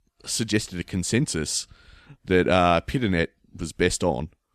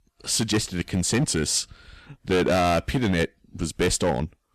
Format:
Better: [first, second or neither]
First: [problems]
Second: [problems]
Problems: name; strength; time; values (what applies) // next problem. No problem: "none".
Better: first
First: none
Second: distortion; heavy; 11% of the sound clipped